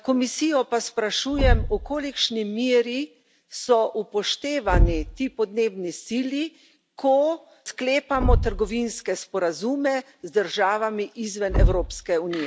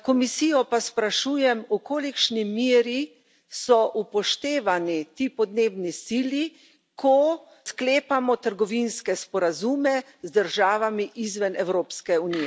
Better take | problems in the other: second | background sound (Thump, thud); 3 dB below the speech

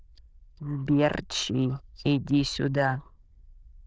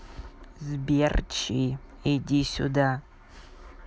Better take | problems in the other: second | noise reduction (neural diffusion model UNIVERSE++)

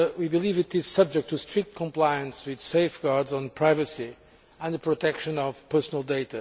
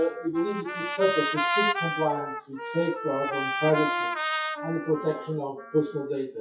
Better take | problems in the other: first | noise reduction (classical method WPE with log-MMSE)

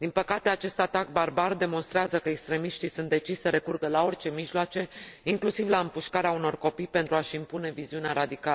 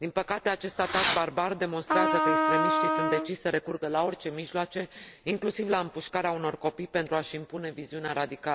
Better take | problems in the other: first | background sound (Fireworks + Trumpet); 3 dB above the speech

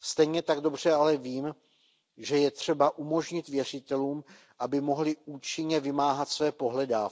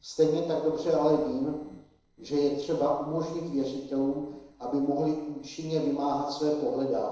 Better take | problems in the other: first | noise reduction (neural separator model SepFormer DNS4)

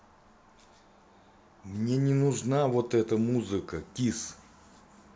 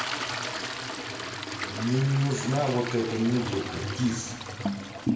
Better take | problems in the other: first | background sound (Toilet flush); 4 dB below the speech // room echo; dies away in 0.9 s

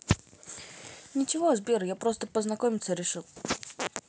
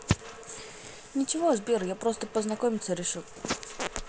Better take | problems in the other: first | background sound (Rain); 15 dB below the speech

